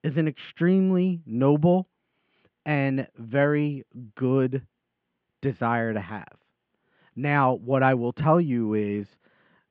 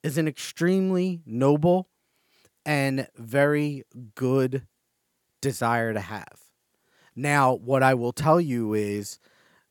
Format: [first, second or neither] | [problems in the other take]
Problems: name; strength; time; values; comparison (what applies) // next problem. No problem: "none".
second | muffled; very; fading above 3 kHz